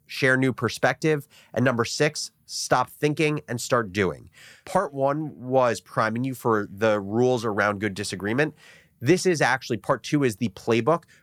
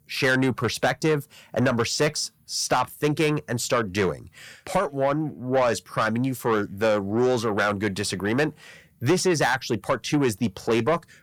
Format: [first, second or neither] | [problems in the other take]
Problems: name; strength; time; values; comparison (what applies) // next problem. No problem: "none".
first | distortion; slight; 10 dB below the speech